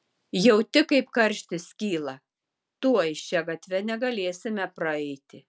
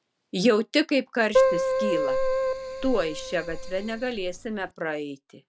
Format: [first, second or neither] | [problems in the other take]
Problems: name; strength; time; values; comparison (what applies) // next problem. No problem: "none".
first | background sound (Keyboard (musical)); 2 dB above the speech